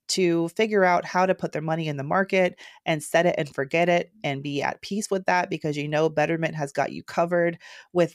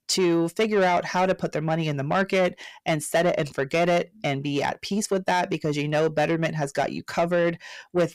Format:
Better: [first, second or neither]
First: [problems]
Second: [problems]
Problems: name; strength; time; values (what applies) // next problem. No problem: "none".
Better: first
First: none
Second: distortion; slight; 10 dB below the speech